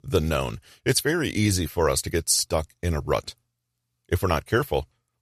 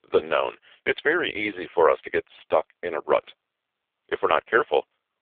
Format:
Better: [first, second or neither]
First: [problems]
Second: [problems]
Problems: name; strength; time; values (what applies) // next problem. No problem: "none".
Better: first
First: none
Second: phone-call audio; poor line